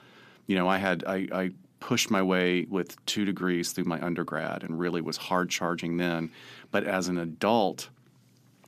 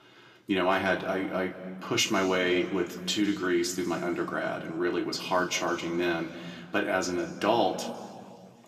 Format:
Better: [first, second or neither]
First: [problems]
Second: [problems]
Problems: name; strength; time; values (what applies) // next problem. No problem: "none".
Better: first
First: none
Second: room echo; slight; dies away in 1.8 s // off-mic speech; somewhat distant